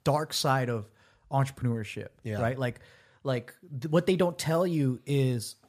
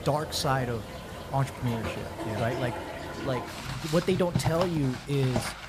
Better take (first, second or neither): first